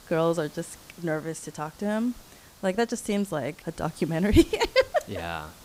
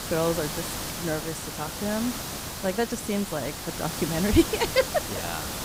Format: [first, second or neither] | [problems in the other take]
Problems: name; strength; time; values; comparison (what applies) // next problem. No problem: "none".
first | hiss; loud; throughout; 4 dB below the speech; faint in the first